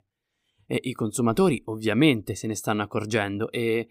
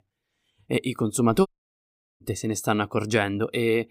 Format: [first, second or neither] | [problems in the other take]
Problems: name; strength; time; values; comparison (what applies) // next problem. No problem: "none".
first | audio cutting out; at 1.5 s for 0.5 s